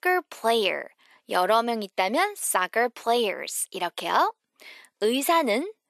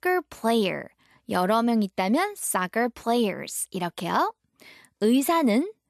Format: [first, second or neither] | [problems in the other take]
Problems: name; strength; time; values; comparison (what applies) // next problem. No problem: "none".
second | thin; somewhat; fading below 450 Hz